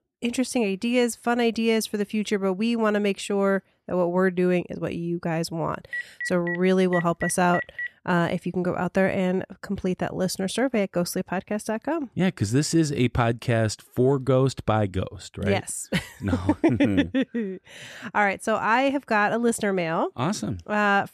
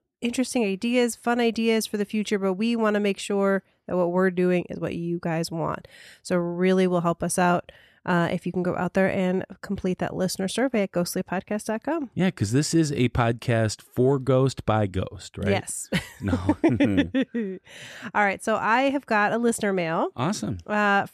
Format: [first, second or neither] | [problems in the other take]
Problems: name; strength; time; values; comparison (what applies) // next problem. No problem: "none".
second | phone ringing; noticeable; from 6 to 8 s; peak 6 dB below the speech